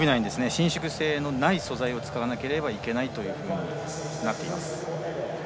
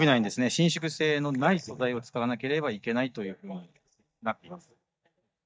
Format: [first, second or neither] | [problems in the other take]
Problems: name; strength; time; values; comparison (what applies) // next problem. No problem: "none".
first | noise reduction (neural mask model DeepFilterNet 3)